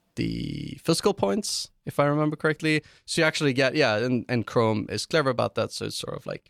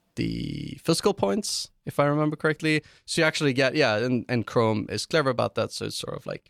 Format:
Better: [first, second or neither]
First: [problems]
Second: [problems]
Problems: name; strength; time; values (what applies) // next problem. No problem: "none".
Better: neither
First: none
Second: none